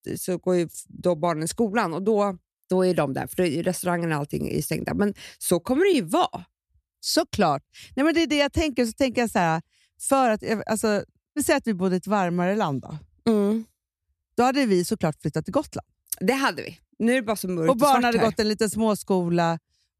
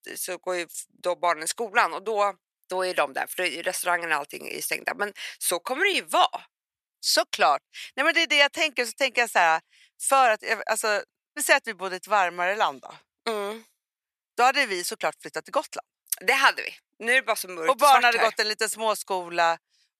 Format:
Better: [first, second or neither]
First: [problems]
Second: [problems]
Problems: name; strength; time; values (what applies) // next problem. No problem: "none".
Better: first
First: none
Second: thin; very; fading below 800 Hz